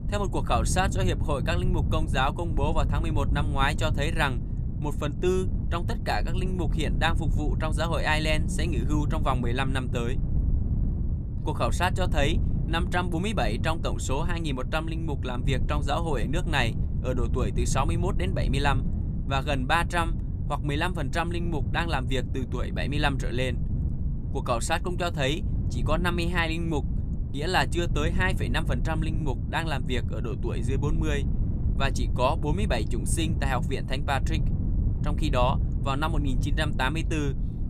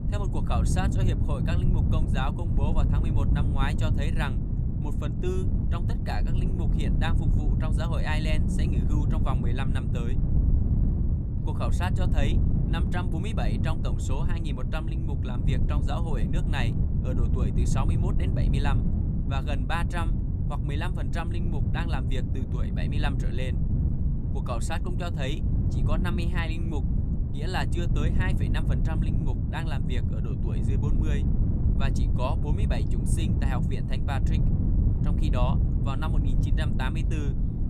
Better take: first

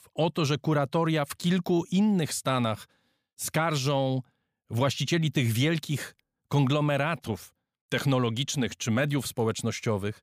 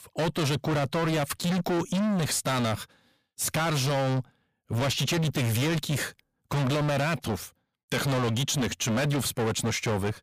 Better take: first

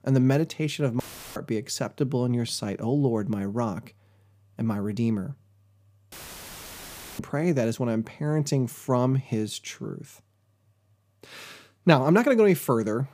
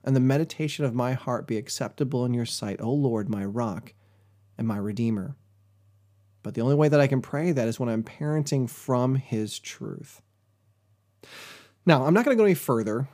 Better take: second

